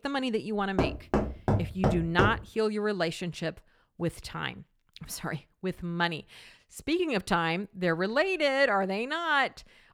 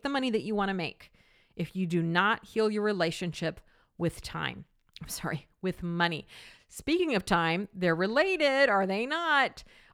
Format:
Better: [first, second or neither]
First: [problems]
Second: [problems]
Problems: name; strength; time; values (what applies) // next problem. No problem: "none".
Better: second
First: door banging; loud; from 1 to 2.5 s; peak 2 dB above the speech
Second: none